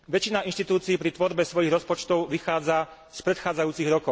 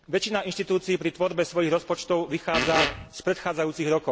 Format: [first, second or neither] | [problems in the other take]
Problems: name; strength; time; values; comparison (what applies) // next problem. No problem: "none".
first | background sound (Fart); as loud as the speech